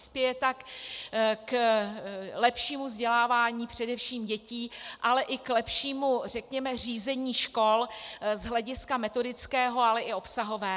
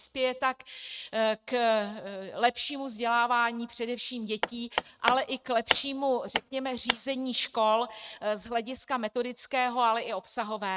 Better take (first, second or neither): first